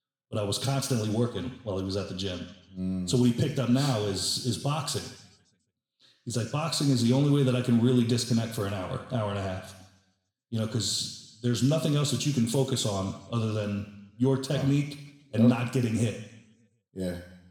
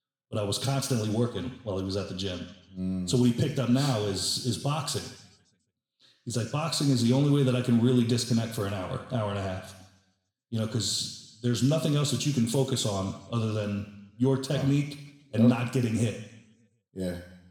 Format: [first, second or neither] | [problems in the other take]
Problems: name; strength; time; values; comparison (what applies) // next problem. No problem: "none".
neither | room echo; noticeable; dies away in 0.9 s; the same in both // off-mic speech; somewhat distant; the same in both